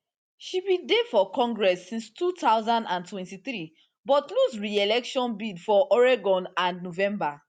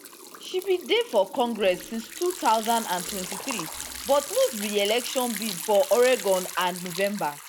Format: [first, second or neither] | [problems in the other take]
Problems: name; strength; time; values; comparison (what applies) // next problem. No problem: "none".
first | background sound (Liquid); 11 dB below the speech